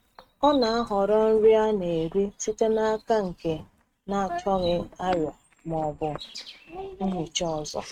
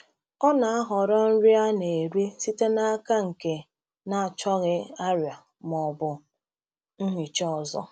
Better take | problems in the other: second | noise reduction (neural mask model RNNoise)

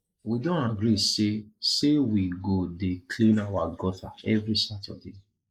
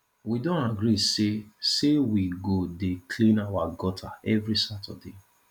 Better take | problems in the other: second | noise reduction (neural mask model Resemble Enhance denoiser)

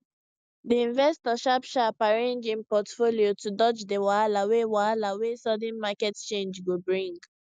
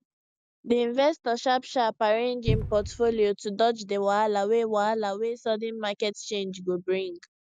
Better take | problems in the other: first | background sound (Cupboard open or close); 3 dB below the speech

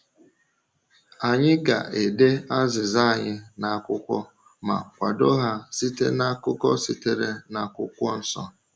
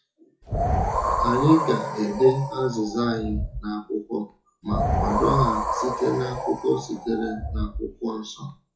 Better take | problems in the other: first | noise reduction (classical method WPE with log-MMSE)

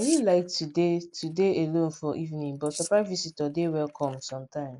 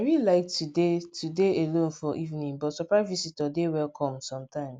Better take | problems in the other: second | noise reduction (neural mask model Resemble Enhance denoiser)

